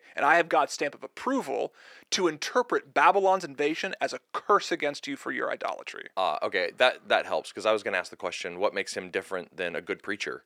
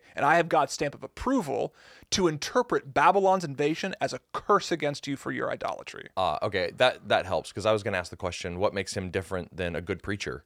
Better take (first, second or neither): second